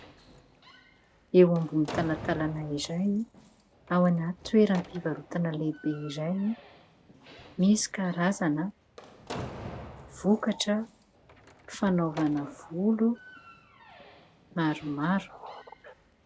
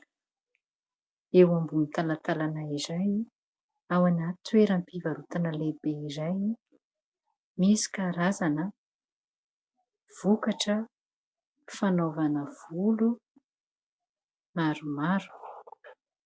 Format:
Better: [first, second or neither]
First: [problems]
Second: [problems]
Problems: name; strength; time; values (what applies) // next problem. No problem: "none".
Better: second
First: background sound (Slam); 17 dB below the speech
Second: none